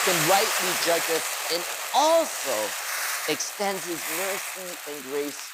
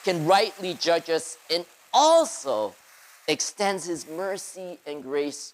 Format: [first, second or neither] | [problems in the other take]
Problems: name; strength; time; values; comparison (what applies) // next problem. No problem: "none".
second | hiss; loud; throughout; as loud as the speech; faint in the second